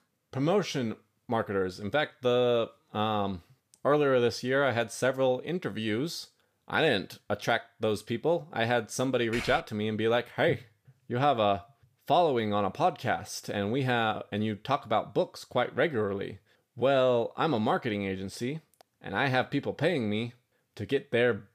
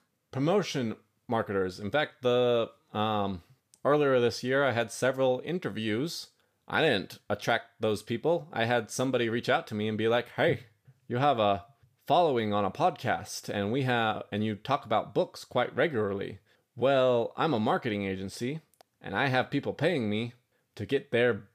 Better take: second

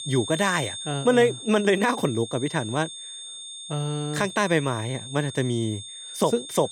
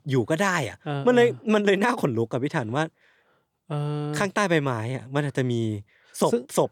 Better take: second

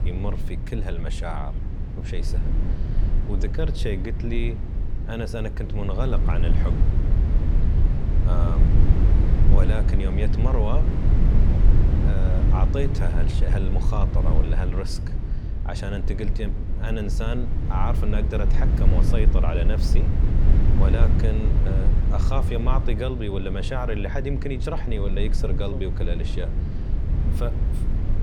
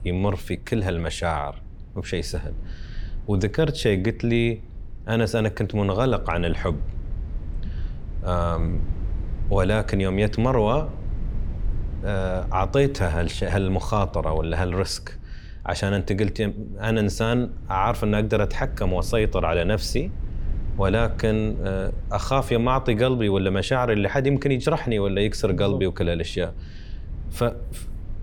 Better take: second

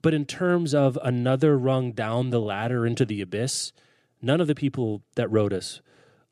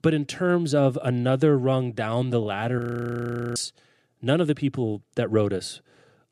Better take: first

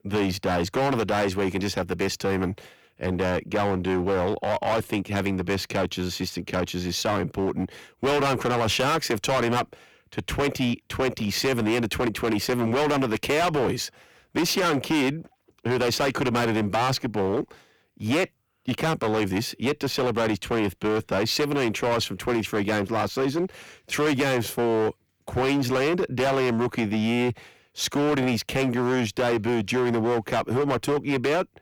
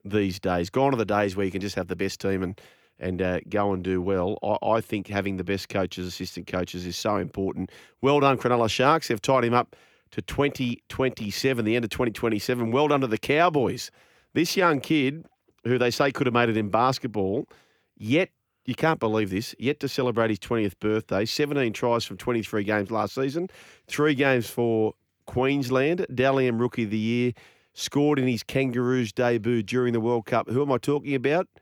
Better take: second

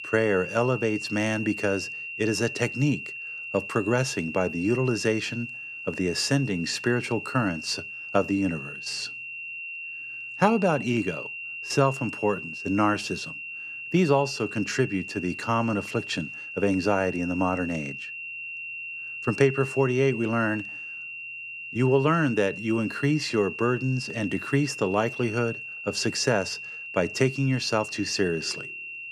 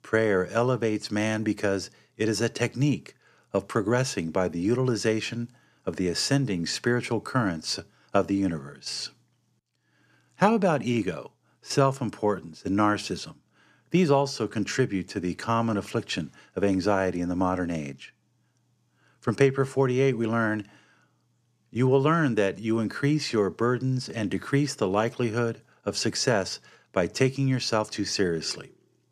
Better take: second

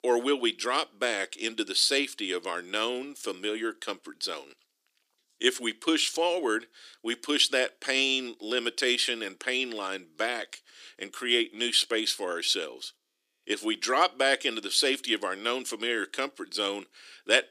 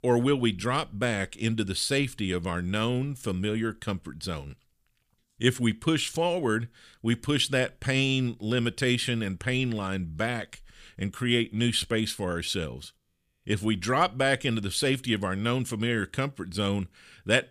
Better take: second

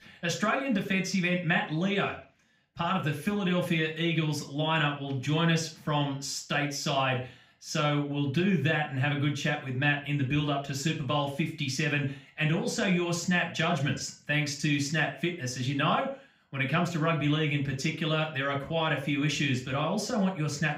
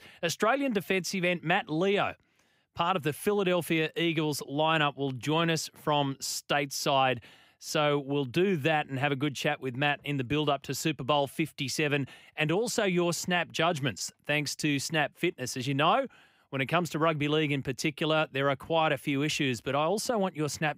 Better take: second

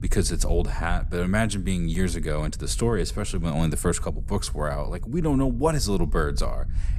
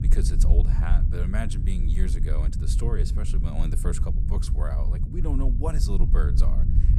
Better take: first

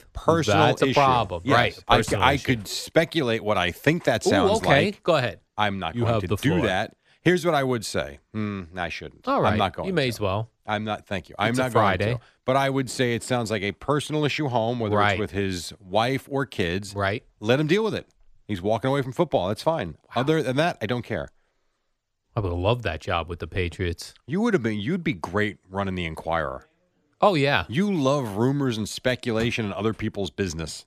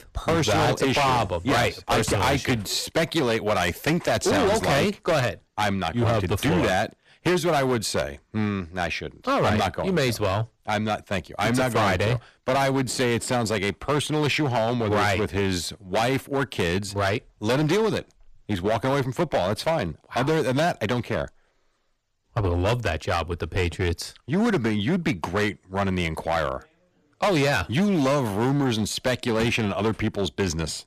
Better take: first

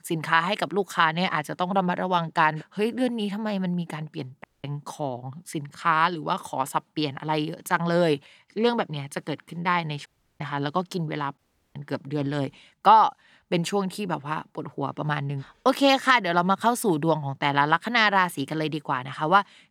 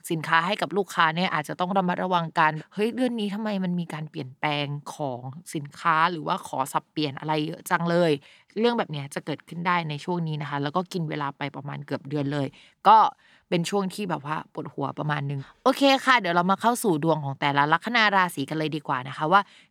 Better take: second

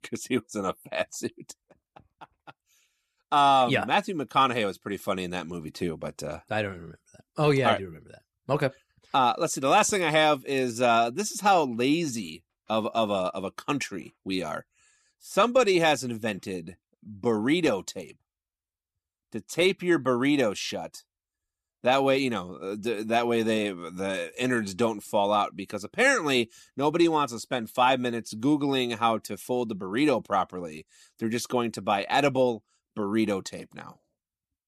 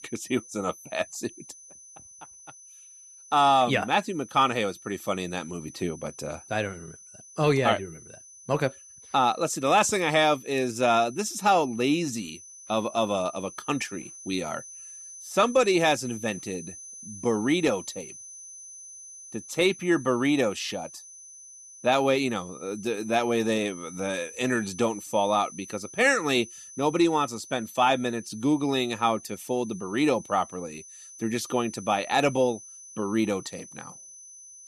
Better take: first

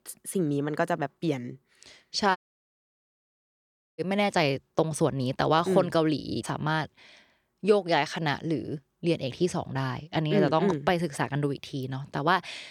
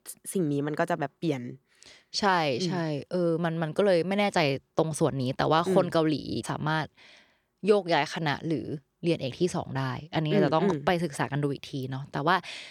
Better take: second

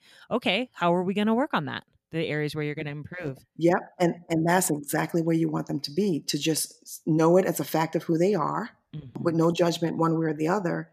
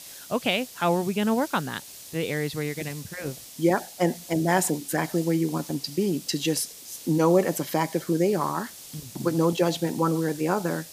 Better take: first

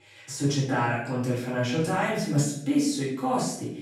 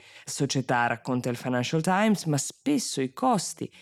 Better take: second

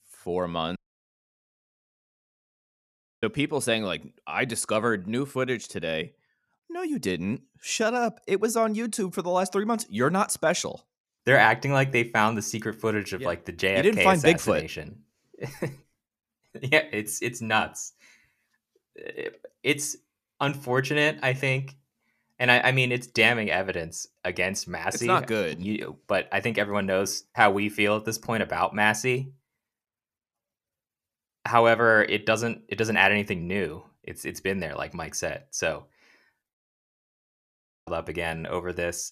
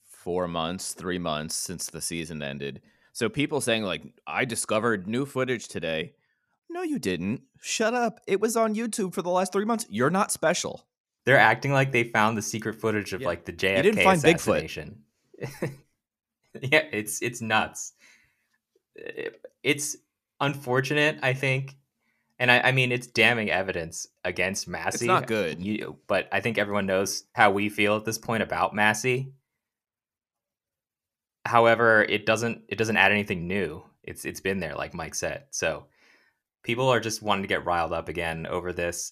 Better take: second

